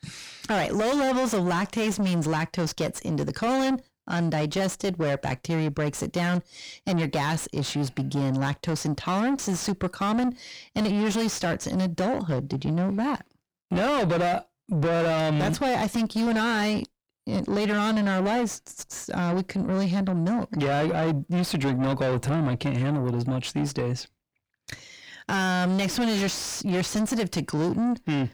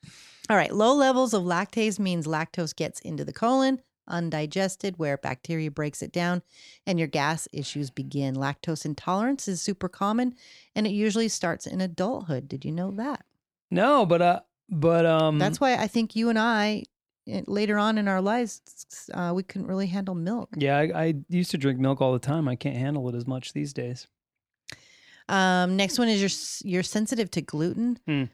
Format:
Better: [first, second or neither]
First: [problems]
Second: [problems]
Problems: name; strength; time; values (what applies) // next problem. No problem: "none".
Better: second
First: distortion; heavy; 5 dB below the speech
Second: none